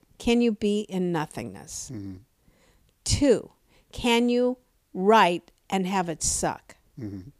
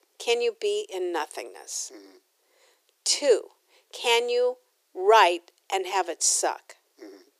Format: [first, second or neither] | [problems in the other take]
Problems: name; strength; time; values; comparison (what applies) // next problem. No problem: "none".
first | thin; very; fading below 350 Hz